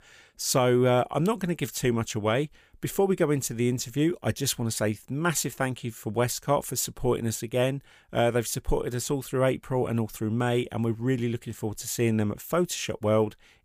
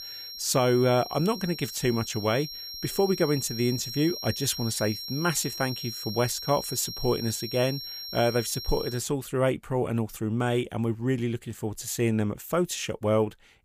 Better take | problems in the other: first | high-pitched whine; loud; until 9 s; 5.5 kHz, 8 dB below the speech

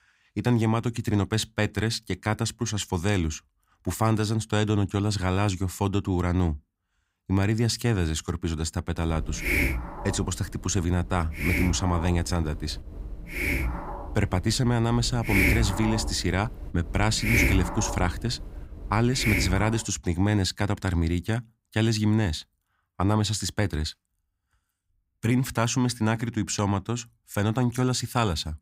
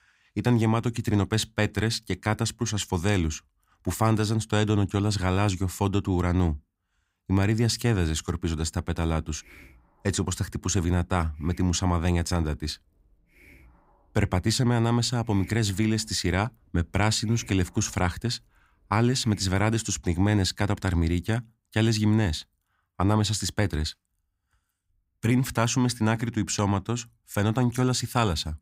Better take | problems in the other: second | hiss; loud; from 9 to 20 s; 2 dB below the speech; faint in the second

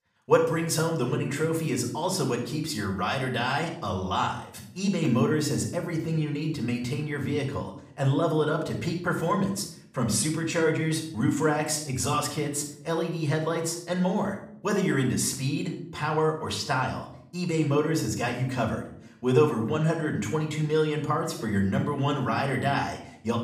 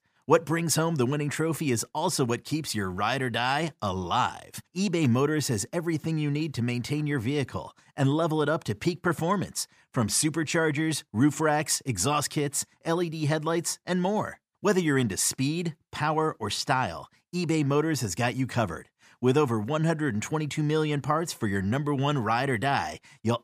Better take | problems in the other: second | room echo; slight; dies away in 0.5 s // off-mic speech; somewhat distant

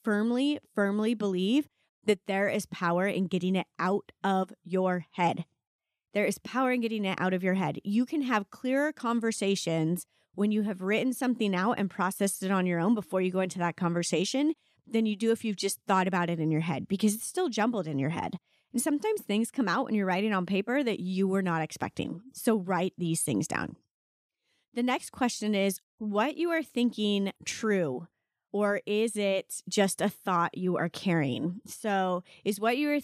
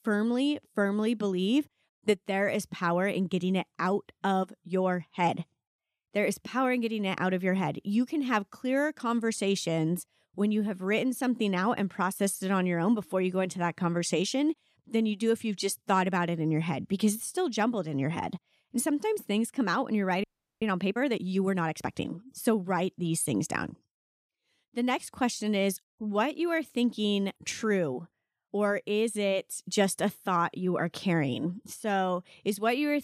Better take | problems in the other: first | audio freezing; at 20 s

